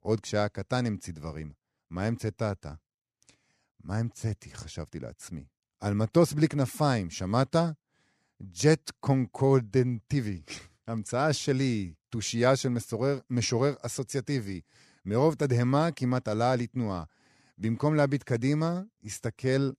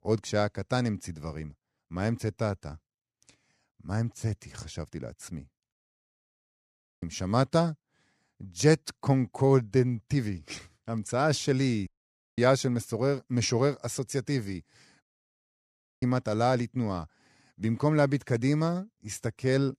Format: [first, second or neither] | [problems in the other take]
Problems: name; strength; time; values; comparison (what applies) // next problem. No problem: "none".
first | audio cutting out; at 5.5 s for 1.5 s, at 12 s for 0.5 s and at 15 s for 1 s